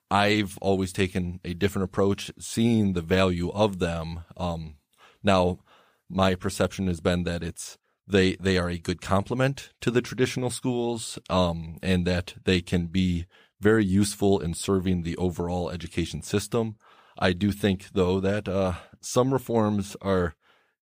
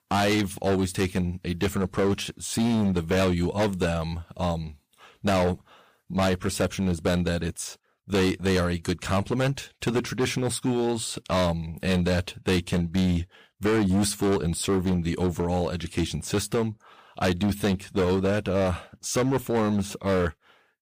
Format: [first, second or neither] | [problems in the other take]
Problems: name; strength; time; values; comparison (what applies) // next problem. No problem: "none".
first | distortion; heavy; 13% of the sound clipped